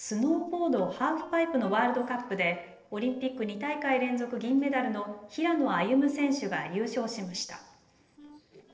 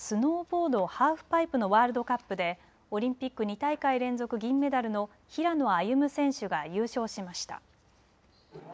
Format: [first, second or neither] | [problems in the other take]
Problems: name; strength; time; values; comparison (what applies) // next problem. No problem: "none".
second | noise reduction (neural separator model SepFormer DNS4)